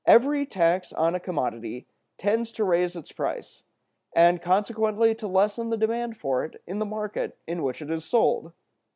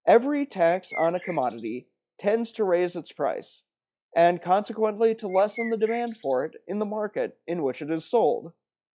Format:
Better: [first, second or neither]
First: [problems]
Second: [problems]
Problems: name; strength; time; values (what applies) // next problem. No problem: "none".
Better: first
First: none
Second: noise reduction (classical method log-MMSE)